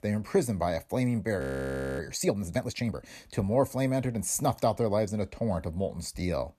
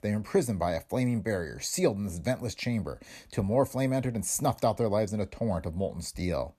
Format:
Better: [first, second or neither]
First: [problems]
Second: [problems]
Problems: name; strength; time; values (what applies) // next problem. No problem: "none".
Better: second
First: audio freezing; at 1.5 s for 0.5 s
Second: none